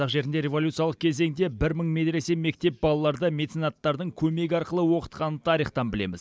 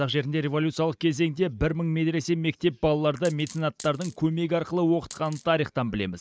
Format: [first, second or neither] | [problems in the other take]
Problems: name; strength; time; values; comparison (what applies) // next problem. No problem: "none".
first | noise reduction (neural mask model RNNoise)